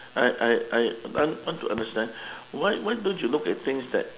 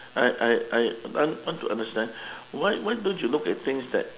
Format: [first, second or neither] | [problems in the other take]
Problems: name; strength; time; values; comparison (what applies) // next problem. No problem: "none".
second | background sound (Chink, clink); 18 dB below the speech